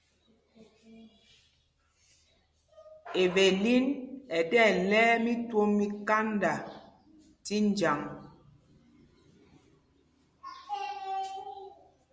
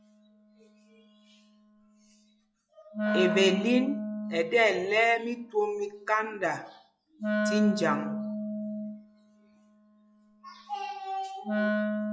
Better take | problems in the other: first | noise reduction (classical method log-MMSE)

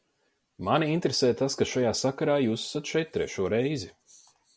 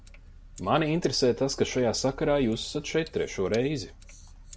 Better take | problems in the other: first | background sound (Sink (filling or washing)); 18 dB below the speech

